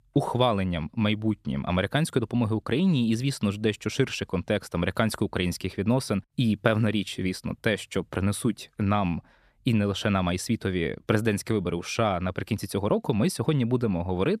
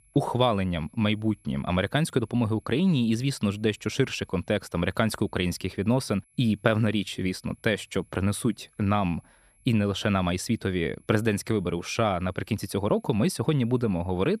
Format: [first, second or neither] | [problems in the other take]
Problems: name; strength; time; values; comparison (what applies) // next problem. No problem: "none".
first | high-pitched whine; faint; throughout; 11 kHz, 35 dB below the speech